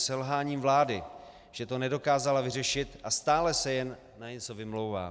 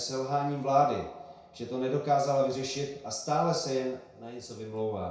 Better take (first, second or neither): first